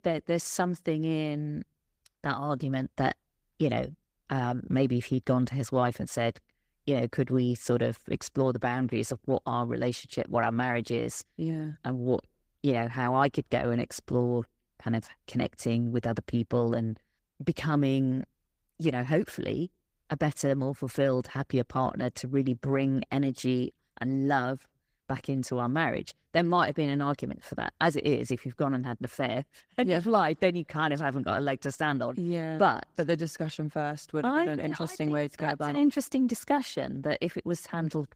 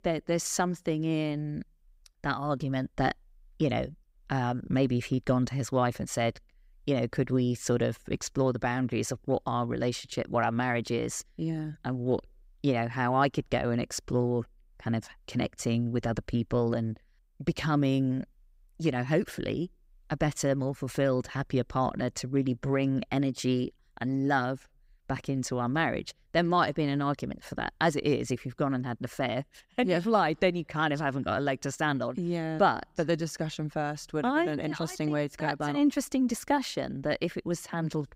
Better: second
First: garbled, watery; slightly; nothing above 15.5 kHz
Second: none

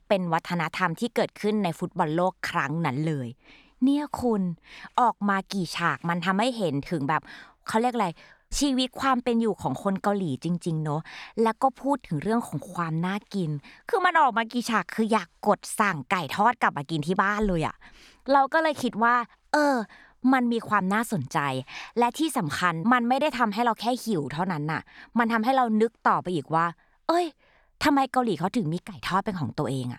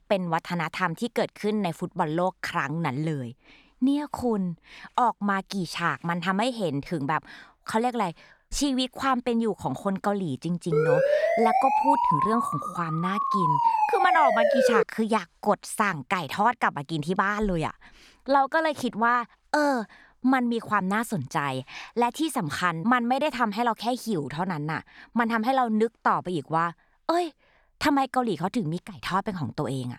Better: first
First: none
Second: siren; loud; from 11 to 15 s; peak 5 dB above the speech

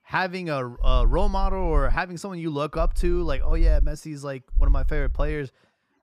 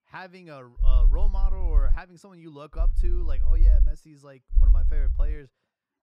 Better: first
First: low rumble; faint; from 1 to 2 s, from 3 to 4 s and at 4.5 s; 25 dB below the speech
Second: low rumble; loud; from 1 to 2 s, from 3 to 4 s and at 4.5 s; 6 dB below the speech

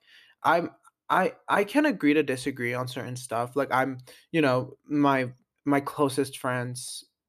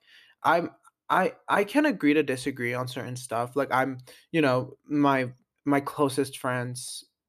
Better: neither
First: none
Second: none

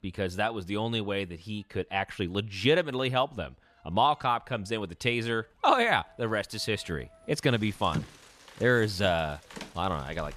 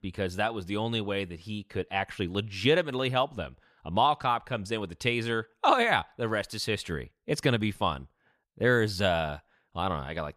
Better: second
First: household noises; noticeable; throughout; 15 dB below the speech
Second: none

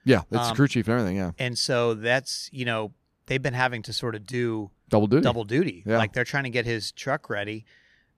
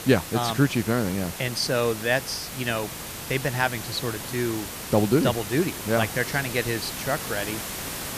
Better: first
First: none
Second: hiss; loud; throughout; 7 dB below the speech

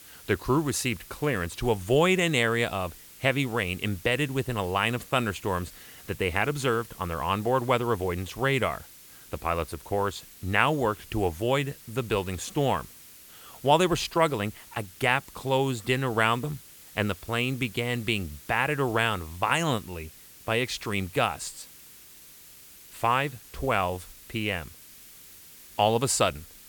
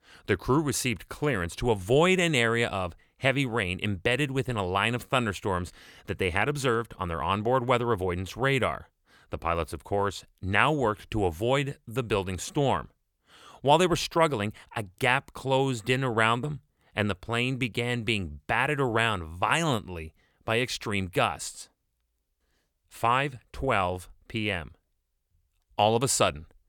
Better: second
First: hiss; noticeable; throughout; 20 dB below the speech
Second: none

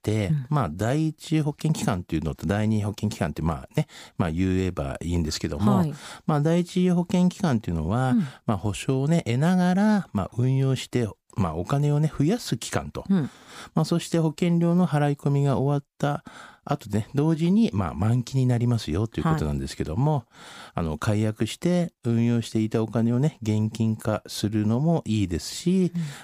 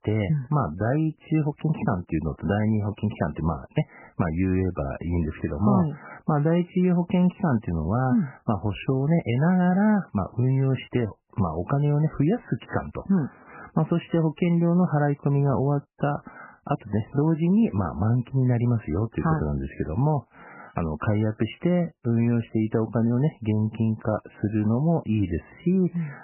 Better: first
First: none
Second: garbled, watery; badly; nothing above 3 kHz

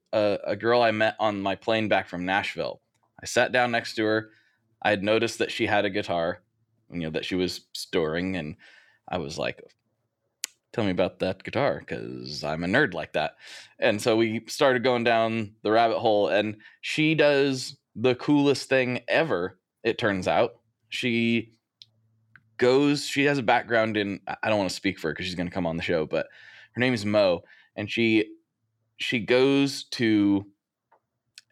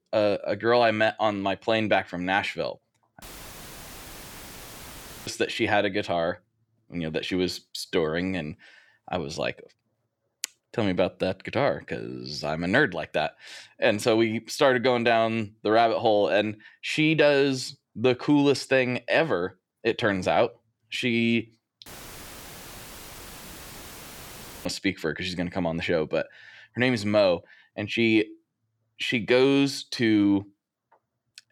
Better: first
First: none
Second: audio cutting out; filled with static; at 3 s for 2 s and at 22 s for 3 s

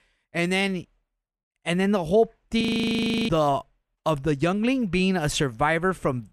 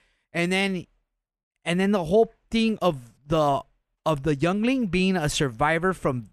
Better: second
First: audio freezing; at 2.5 s for 0.5 s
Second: none

